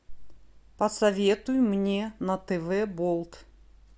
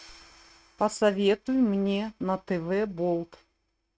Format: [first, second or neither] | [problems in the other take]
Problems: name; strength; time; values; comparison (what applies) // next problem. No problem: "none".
first | noise reduction (neural mask model RNNoise)